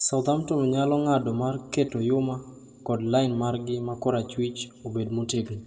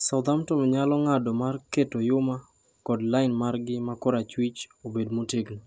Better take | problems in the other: second | room echo; dies away in 1 s

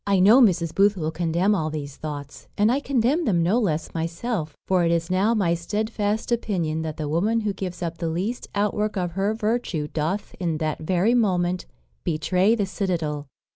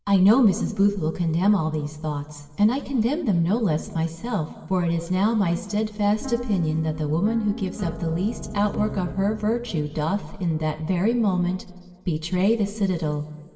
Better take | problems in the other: first | background sound (Piano); 12 dB below the speech // room echo; dies away in 2 s

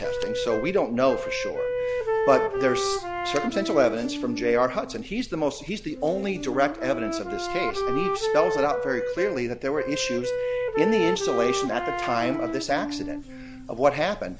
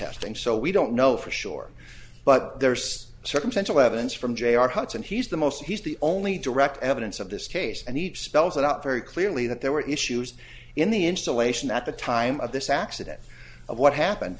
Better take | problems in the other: second | background sound (Wind instrument, woodwind instrument); 3 dB below the speech

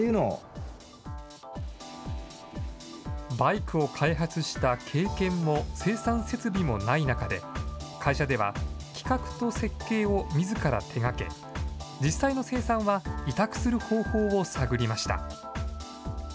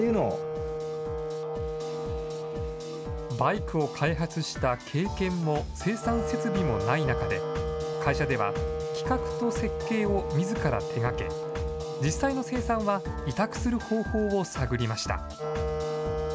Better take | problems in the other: first | background sound (Wind instrument, woodwind instrument); 4 dB below the speech

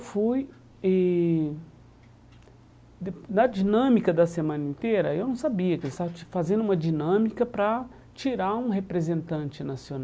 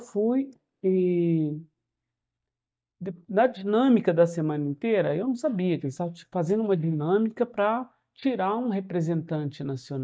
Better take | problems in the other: first | noise reduction (neural mask model DeepFilterNet 3)

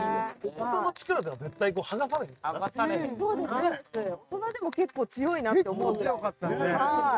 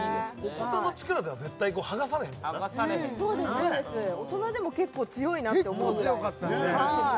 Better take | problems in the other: second | noise reduction (neural mask model RNNoise)

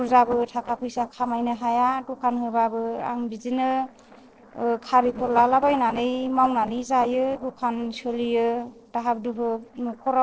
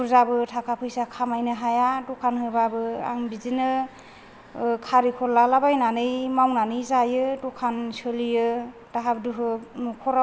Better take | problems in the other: second | noise reduction (neural separator model SepFormer DNS4)

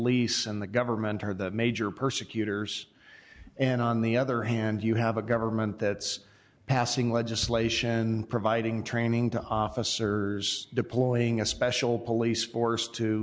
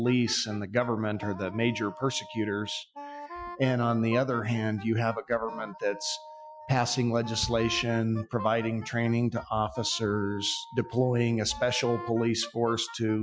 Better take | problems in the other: first | noise reduction (classical method Wiener filter)

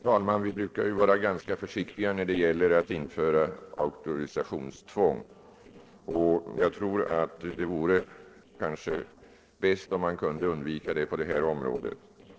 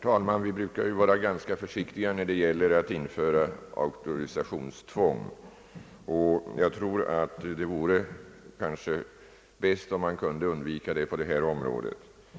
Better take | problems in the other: second | noise reduction (neural separator model SepFormer DNS4)

